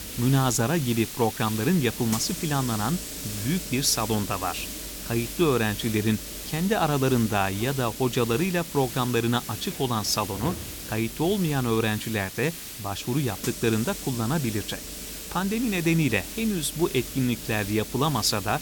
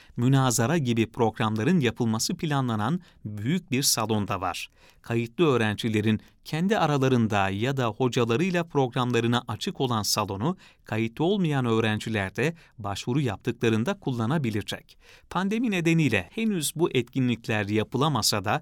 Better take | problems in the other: second | hiss; loud; throughout; 8 dB below the speech

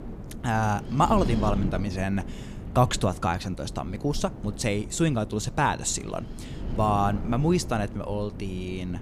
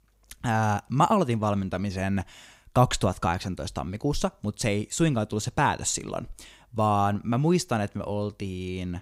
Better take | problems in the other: second | wind noise on the microphone; occasional gusts; 15 dB below the speech

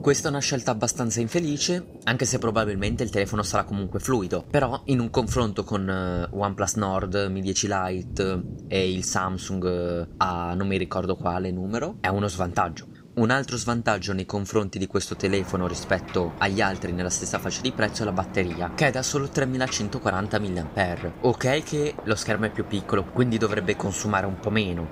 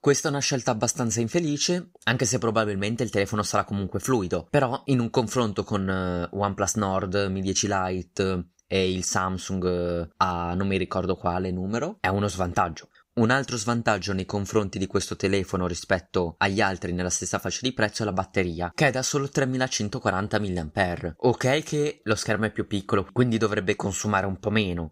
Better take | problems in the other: second | rain or running water; noticeable; throughout; 15 dB below the speech

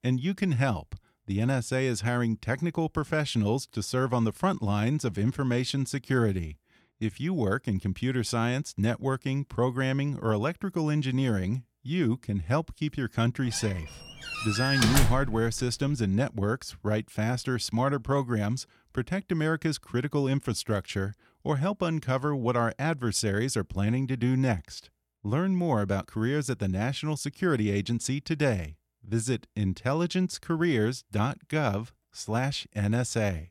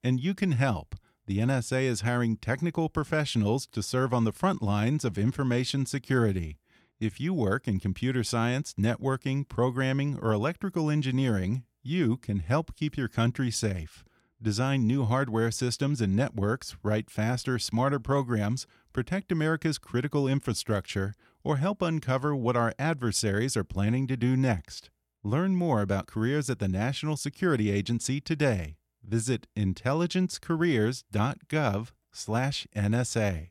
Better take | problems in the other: second | door banging; loud; from 14 to 15 s; peak 4 dB above the speech

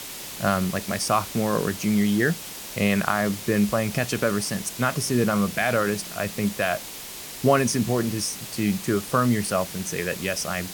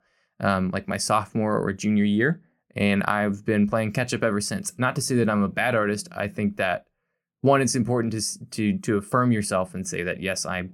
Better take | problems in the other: second | hiss; loud; throughout; 10 dB below the speech

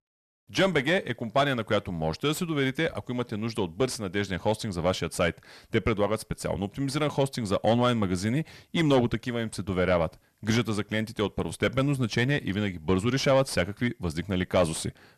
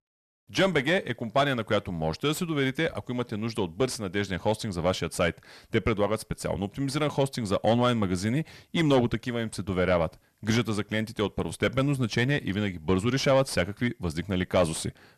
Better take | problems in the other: neither | distortion; slight; 10 dB below the speech; the same in both

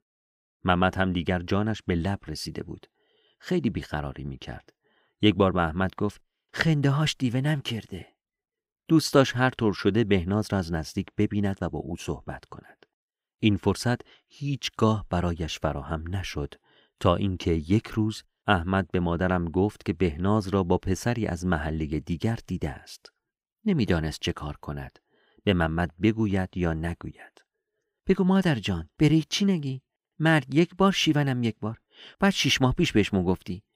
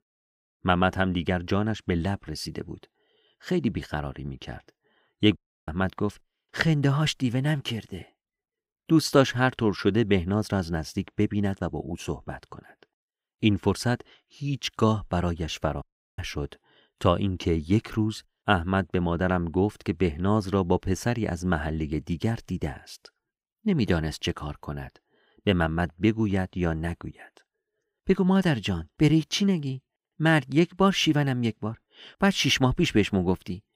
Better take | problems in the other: first | audio cutting out; at 5.5 s and at 16 s

